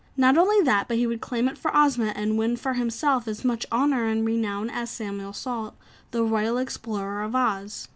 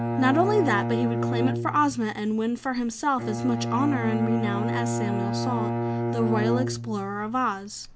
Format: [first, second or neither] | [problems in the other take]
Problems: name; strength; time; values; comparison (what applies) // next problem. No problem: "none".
first | background sound (Bowed string instrument); 2 dB below the speech